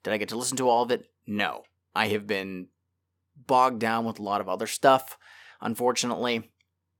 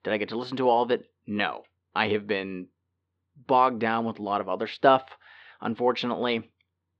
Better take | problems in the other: first | muffled; slightly; fading above 4 kHz

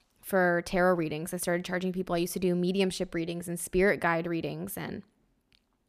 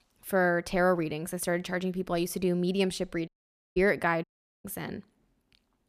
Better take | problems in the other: first | audio cutting out; at 3.5 s and at 4 s

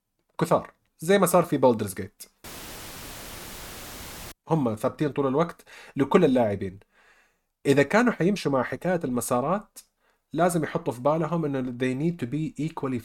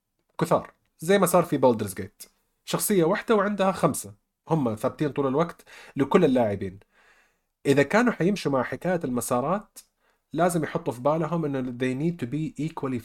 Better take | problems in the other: second | audio cutting out; filled with static; at 2.5 s for 2 s

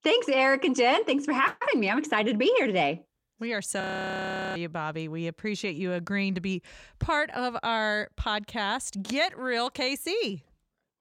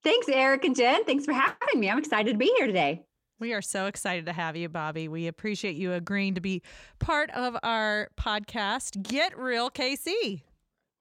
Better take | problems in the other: second | audio freezing; at 4 s for 0.5 s

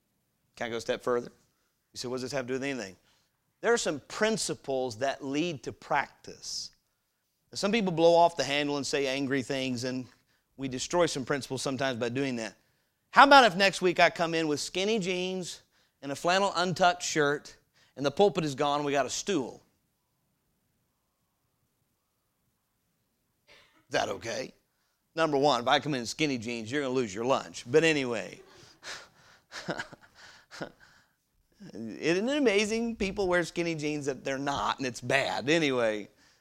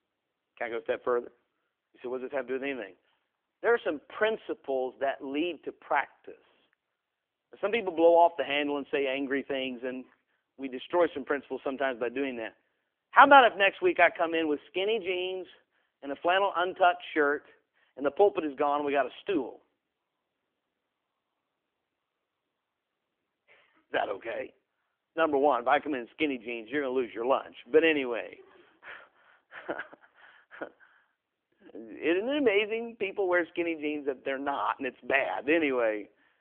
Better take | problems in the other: first | phone-call audio; nothing above 3 kHz

